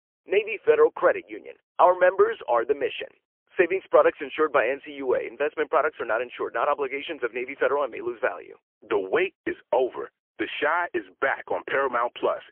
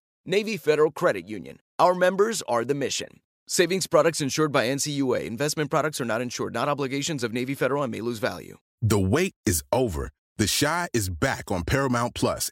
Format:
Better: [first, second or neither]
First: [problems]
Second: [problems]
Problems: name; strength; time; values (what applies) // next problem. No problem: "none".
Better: second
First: phone-call audio; poor line; nothing above 3 kHz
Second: none